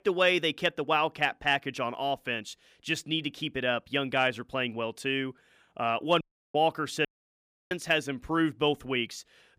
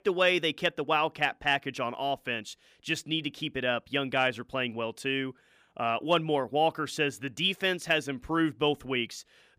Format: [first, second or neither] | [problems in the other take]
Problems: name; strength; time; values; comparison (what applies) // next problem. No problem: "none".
second | audio cutting out; at 6 s and at 7 s for 0.5 s